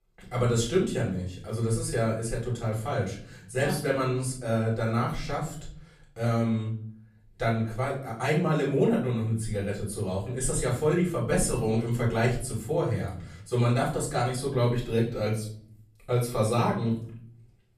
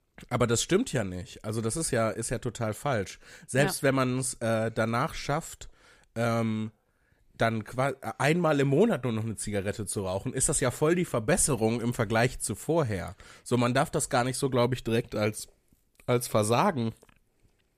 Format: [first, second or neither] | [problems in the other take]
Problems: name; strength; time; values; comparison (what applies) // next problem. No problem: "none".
second | off-mic speech; far // room echo; slight; dies away in 0.5 s